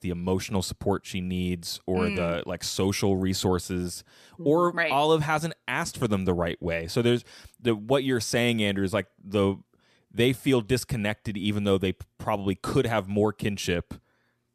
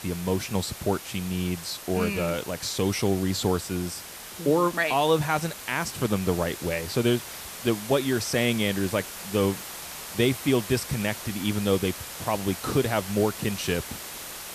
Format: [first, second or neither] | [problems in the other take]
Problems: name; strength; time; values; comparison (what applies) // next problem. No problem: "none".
first | hiss; noticeable; throughout; 10 dB below the speech